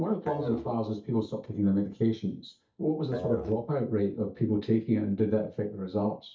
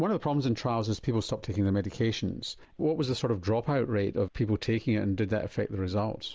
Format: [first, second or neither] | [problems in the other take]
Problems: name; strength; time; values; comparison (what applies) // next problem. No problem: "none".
second | noise reduction (neural mask model DeepFilterNet 3)